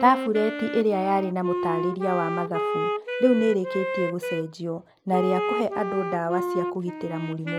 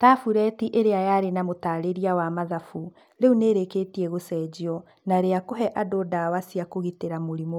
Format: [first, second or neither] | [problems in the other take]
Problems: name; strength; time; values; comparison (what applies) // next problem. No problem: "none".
second | background sound (Wind instrument, woodwind instrument); 4 dB below the speech